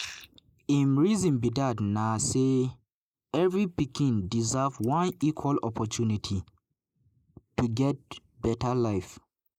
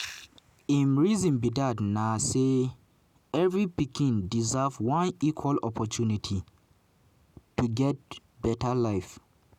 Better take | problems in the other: second | noise reduction (neural mask model Resemble Enhance denoiser)

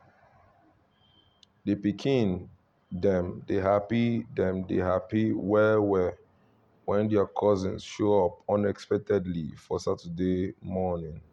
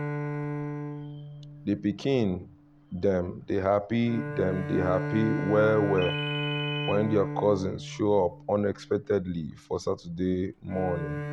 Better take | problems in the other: first | background sound (Ringtone + Bowed string instrument); 6 dB below the speech

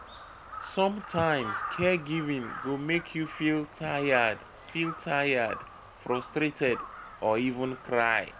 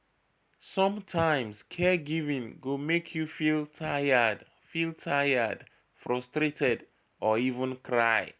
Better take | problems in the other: second | background sound (Crow); 13 dB below the speech

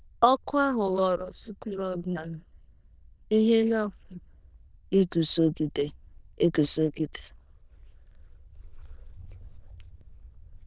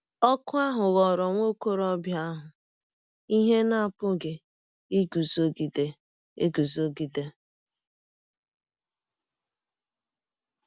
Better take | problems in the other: second | noise reduction (neural diffusion model UNIVERSE++)

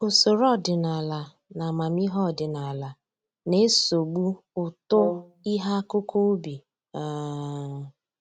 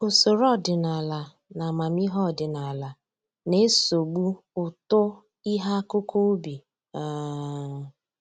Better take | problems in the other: second | background sound (Brass instrument); 7 dB below the speech

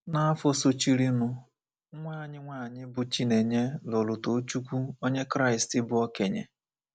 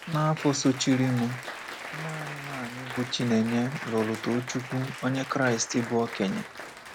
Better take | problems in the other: first | background sound (Applause); 11 dB below the speech

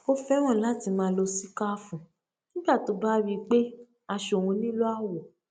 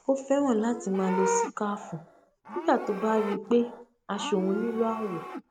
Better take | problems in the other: first | background sound (Livestock, farm animals, working animals); 8 dB below the speech

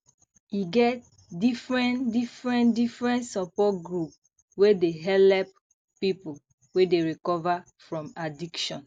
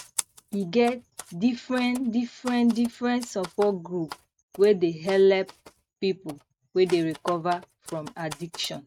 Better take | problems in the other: first | noise reduction (neural mask model RNNoise)

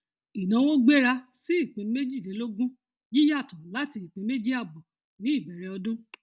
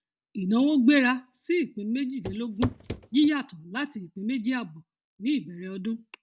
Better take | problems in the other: first | background sound (Walk, footsteps / Run / Wood); 8 dB below the speech

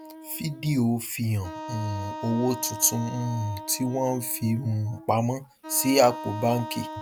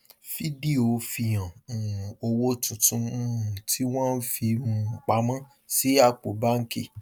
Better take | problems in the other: second | background sound (Wind instrument, woodwind instrument); 12 dB below the speech

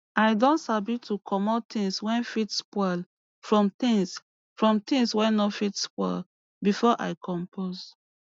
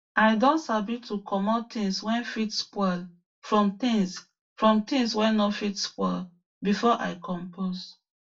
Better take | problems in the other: first | room echo; dies away in 0.2 s

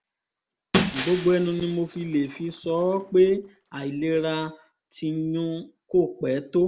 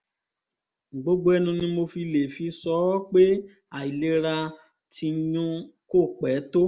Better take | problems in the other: second | background sound (Shatter); 8 dB below the speech

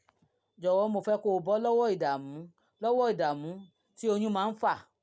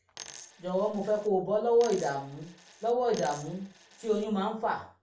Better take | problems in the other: first | background sound (Coin (dropping)); 19 dB below the speech // room echo; dies away in 0.4 s

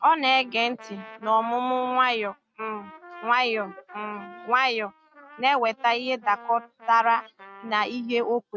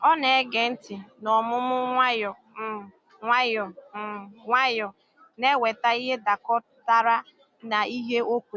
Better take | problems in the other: second | noise reduction (neural mask model RNNoise)

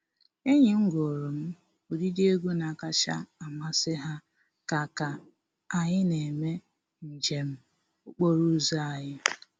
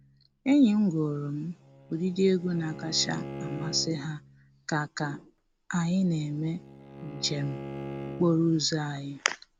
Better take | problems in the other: first | background sound (Bowed string instrument); 14 dB below the speech

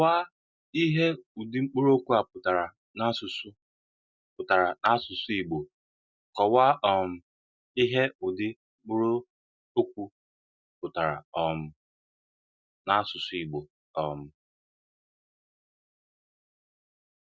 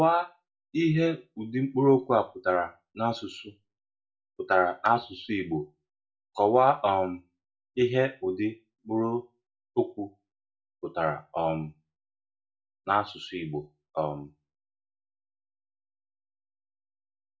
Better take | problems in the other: first | room echo; dies away in 0.2 s

